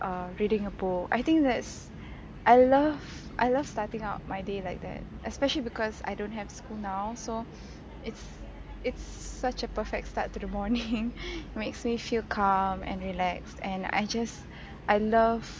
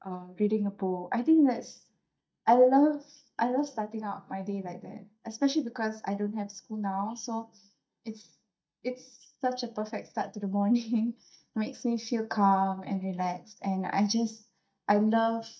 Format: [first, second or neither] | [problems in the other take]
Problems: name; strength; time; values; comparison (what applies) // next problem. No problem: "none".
first | noise reduction (neural mask model DeepFilterNet 3)